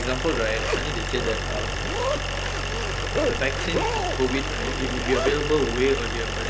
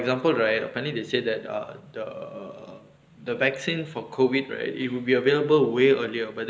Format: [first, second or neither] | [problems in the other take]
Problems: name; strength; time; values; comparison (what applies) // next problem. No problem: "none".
second | background sound (Idling + Zipper (clothing)); 2 dB above the speech